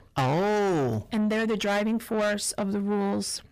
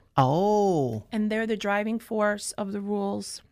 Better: second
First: distortion; heavy; 7 dB below the speech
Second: none

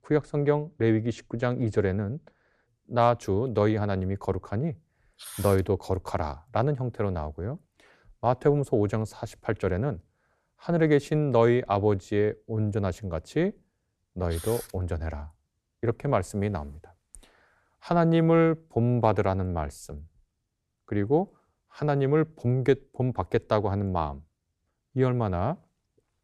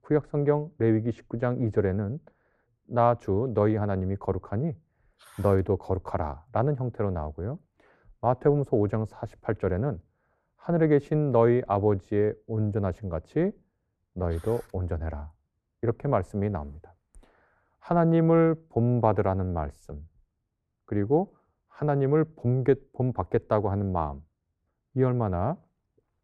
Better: first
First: none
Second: muffled; slightly; fading above 2.5 kHz

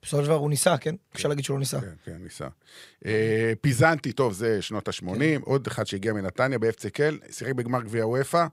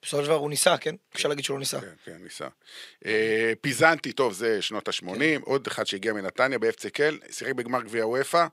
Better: first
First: none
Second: thin; somewhat; fading below 250 Hz

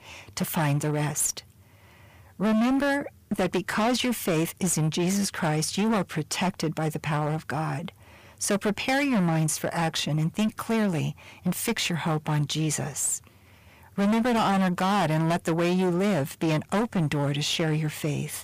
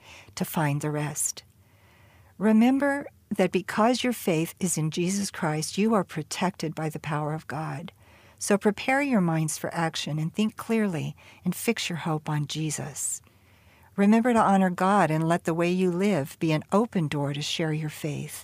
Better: second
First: distortion; heavy; 17% of the sound clipped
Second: none

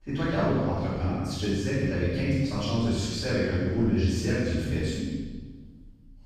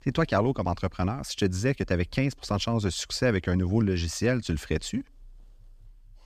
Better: second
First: off-mic speech; far // room echo; strong; dies away in 1.3 s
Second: none

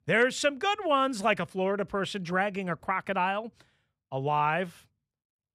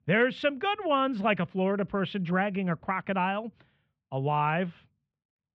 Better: first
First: none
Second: muffled; very; fading above 3 kHz

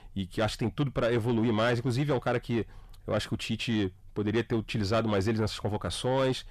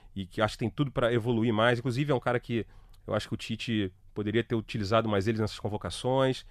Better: second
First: distortion; slight; 10 dB below the speech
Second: none

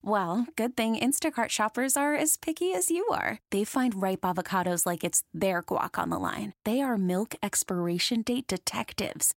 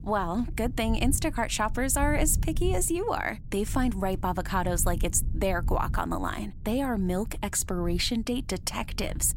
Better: first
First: none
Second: low rumble; faint; throughout; 20 dB below the speech

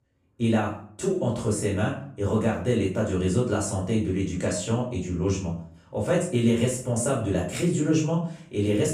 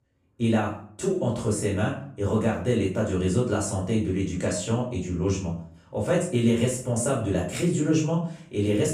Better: neither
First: off-mic speech; far // room echo; noticeable; dies away in 0.4 s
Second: off-mic speech; far // room echo; noticeable; dies away in 0.4 s

